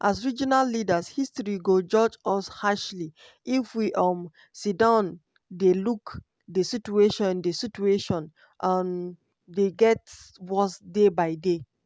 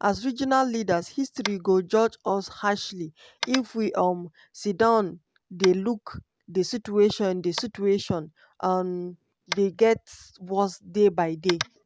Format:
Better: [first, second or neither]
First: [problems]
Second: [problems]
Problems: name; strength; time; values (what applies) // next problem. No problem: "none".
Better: first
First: none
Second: background sound (Tap); 16 dB below the speech